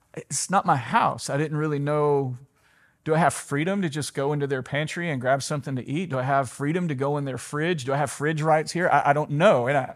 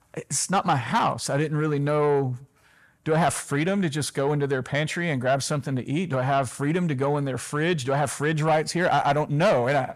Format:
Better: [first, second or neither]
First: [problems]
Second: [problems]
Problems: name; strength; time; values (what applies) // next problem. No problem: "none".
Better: first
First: none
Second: distortion; slight; 10 dB below the speech